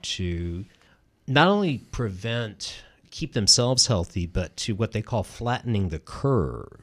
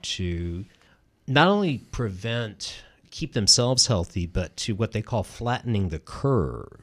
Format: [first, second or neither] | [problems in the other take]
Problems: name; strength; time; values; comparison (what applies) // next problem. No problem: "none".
neither | none